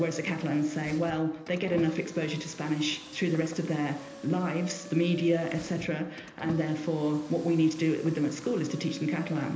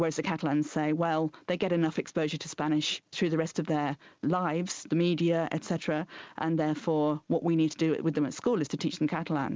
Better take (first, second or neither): second